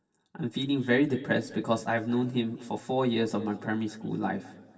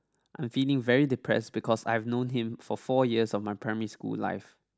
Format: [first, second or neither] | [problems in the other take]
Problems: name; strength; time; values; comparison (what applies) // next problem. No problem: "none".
second | room echo; dies away in 2.2 s